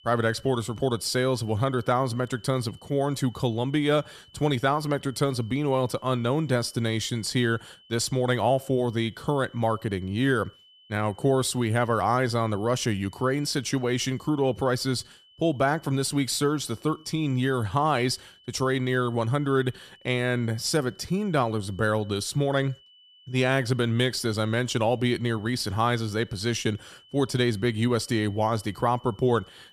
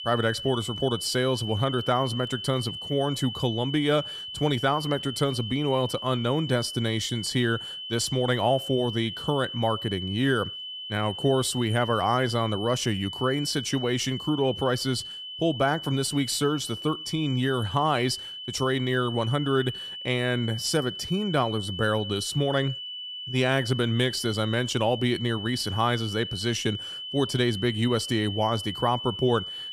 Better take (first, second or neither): first